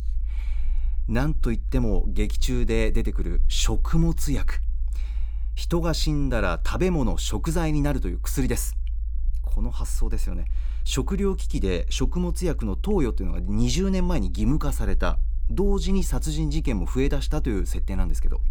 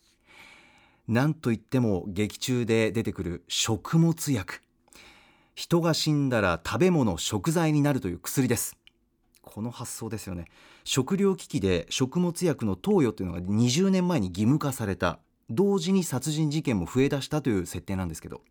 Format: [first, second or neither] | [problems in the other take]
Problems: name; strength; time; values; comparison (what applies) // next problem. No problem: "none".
second | low rumble; faint; throughout; 25 dB below the speech